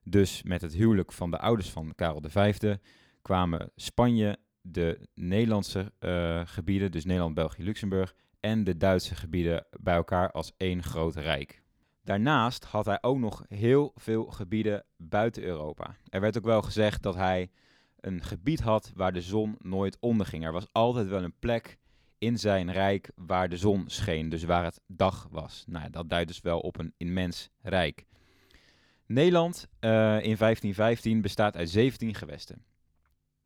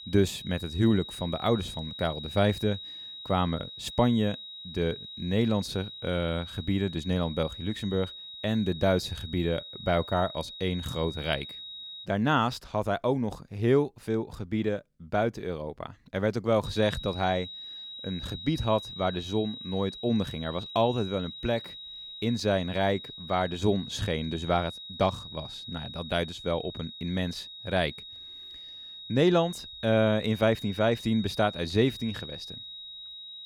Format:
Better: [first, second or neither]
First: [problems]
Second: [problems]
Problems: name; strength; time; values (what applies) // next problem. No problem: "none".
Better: first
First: none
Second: high-pitched whine; noticeable; until 12 s and from 17 s on; 4 kHz, 10 dB below the speech